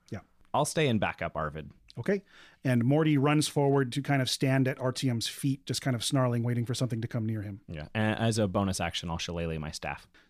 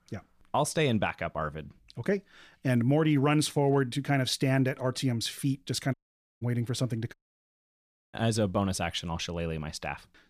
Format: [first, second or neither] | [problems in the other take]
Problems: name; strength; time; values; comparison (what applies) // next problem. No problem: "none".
first | audio cutting out; at 6 s and at 7 s for 1 s